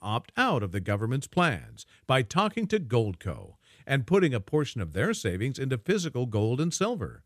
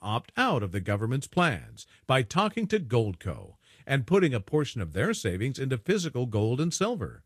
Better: first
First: none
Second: garbled, watery; slightly; nothing above 13.5 kHz

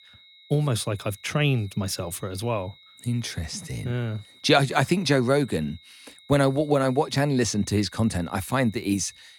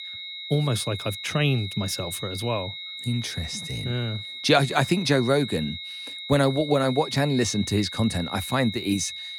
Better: first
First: high-pitched whine; faint; throughout; 4 kHz, 25 dB below the speech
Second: high-pitched whine; loud; throughout; 4 kHz, 9 dB below the speech

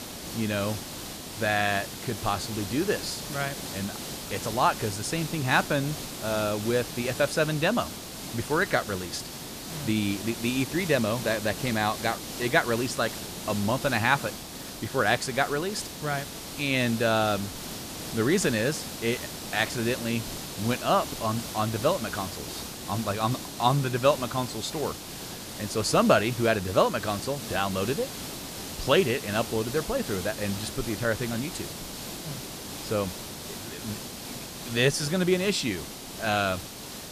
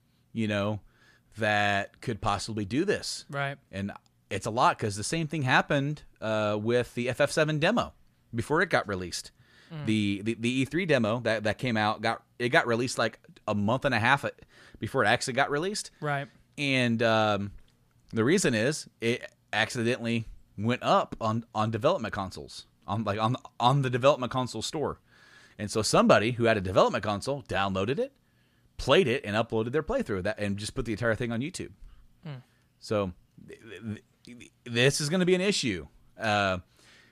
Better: second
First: hiss; loud; throughout; 8 dB below the speech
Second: none

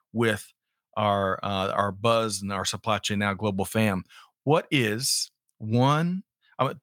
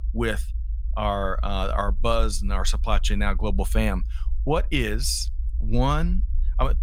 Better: first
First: none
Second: low rumble; faint; throughout; 25 dB below the speech

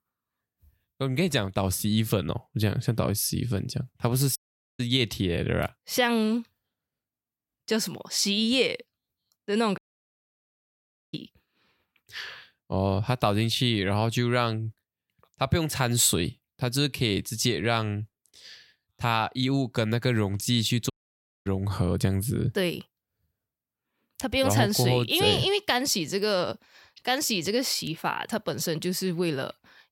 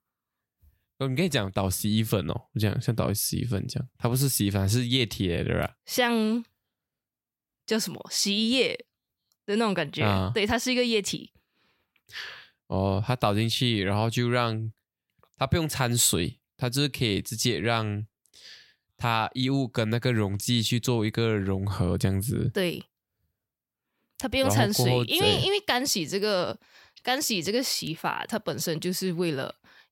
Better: second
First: audio cutting out; at 4.5 s, at 10 s for 1.5 s and at 21 s for 0.5 s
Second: none

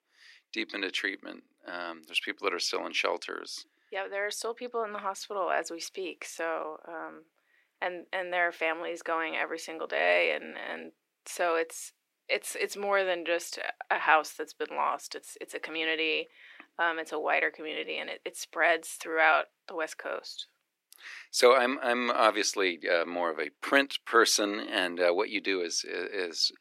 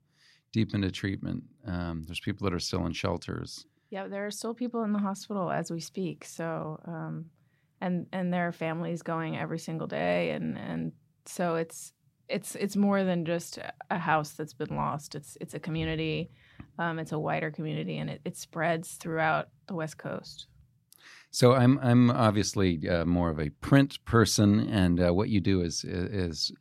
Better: second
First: thin; very; fading below 350 Hz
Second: none

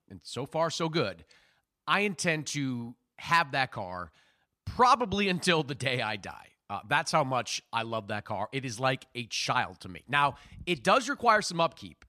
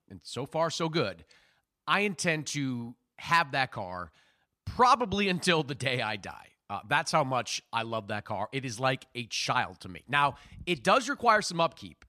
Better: neither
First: none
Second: none

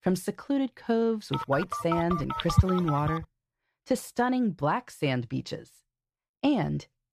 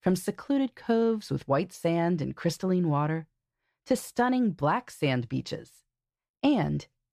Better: second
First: phone ringing; loud; from 1.5 to 3 s; peak 3 dB above the speech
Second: none

